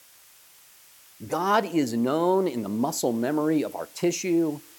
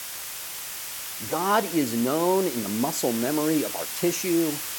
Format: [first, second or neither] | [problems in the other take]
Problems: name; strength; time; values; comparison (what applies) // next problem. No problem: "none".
first | hiss; loud; throughout; 6 dB below the speech; faint in the first